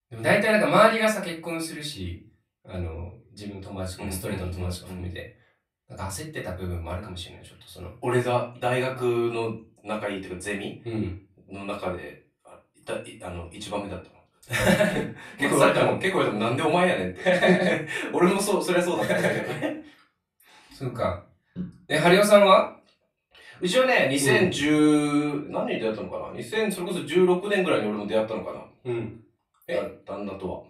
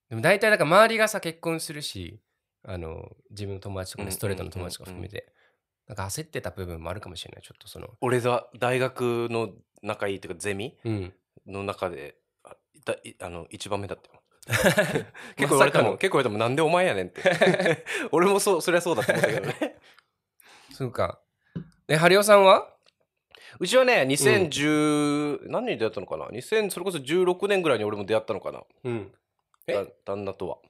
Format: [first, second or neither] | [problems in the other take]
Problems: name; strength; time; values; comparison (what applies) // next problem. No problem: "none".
second | room echo; slight; dies away in 0.3 s // off-mic speech; far